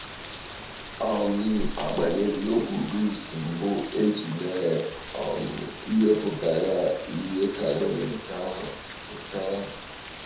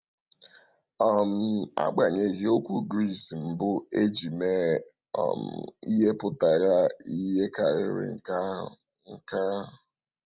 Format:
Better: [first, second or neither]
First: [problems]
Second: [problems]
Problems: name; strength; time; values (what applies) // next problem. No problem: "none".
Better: second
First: background sound (Rain); 11 dB below the speech // room echo; dies away in 0.8 s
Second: none